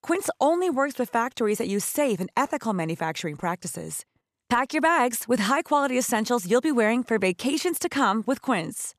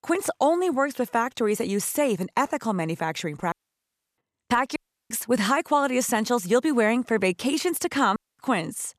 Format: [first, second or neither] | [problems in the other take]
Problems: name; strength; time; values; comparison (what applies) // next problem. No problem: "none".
first | audio cutting out; at 3.5 s for 0.5 s, at 5 s and at 8 s